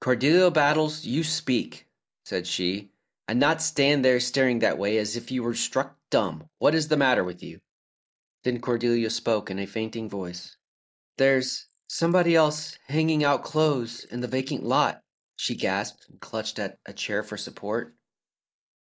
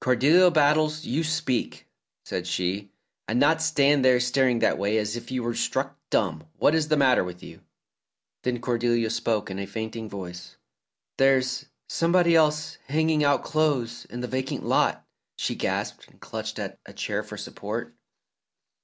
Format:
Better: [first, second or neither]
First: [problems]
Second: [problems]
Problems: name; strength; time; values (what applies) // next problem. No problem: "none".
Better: second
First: noise reduction (neural mask model Resemble Enhance denoiser)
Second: none